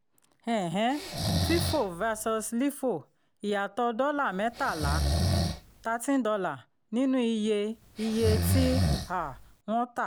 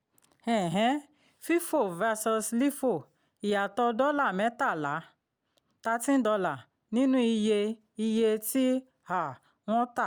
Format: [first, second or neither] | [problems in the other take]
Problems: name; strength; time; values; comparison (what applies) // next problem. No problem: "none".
second | background sound (Breathing); 3 dB below the speech